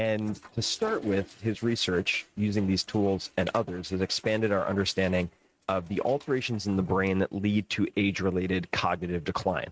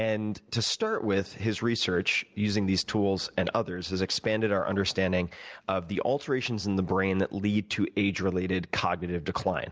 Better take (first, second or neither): second